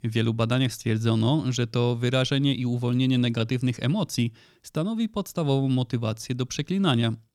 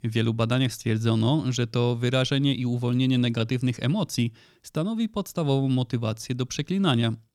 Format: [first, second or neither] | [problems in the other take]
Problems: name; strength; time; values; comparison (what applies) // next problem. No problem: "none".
neither | none